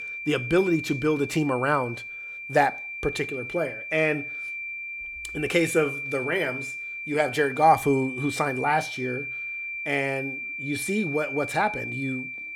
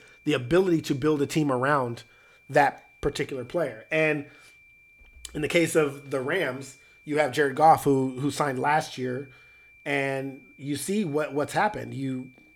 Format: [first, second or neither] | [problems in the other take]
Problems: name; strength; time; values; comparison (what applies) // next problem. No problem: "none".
second | high-pitched whine; loud; throughout; 2.5 kHz, 6 dB below the speech; faint in the second